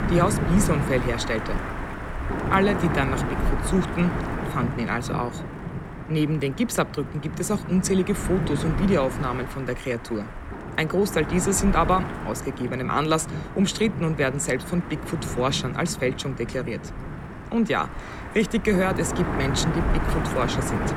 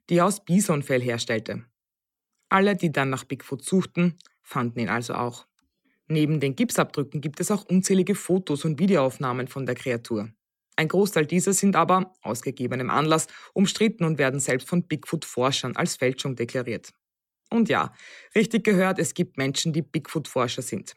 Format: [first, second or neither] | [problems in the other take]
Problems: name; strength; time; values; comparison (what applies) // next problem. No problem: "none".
second | wind noise on the microphone; heavy; 6 dB below the speech